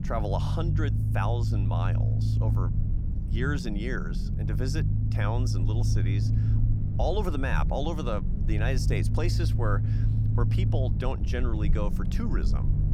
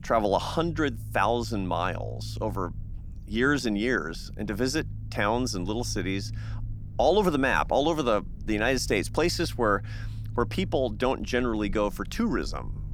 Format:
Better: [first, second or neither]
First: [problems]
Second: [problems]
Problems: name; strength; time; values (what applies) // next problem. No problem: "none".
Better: second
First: low rumble; loud; throughout; 6 dB below the speech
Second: low rumble; faint; throughout; 25 dB below the speech